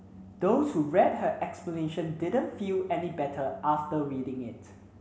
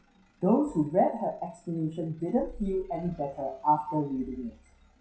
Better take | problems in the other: first | noise reduction (classical method WPE with log-MMSE)

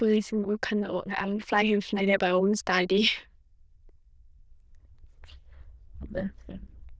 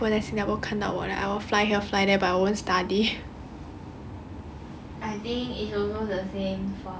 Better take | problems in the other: second | noise reduction (neural diffusion model UNIVERSE++)

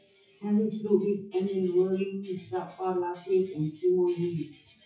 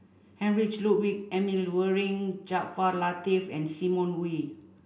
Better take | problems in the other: second | noise reduction (classical method WPE with log-MMSE)

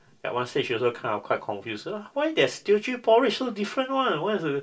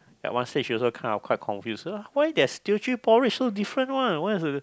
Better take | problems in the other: second | room echo; dies away in 0.2 s

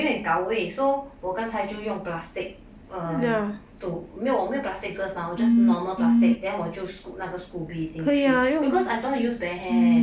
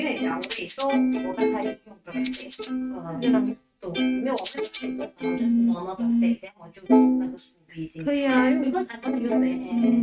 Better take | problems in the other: first | noise reduction (neural mask model RNNoise)

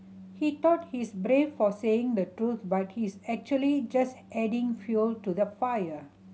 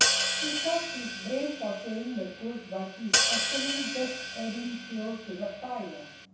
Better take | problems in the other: first | background sound (Hi-hat); 3 dB above the speech // room echo; dies away in 0.7 s

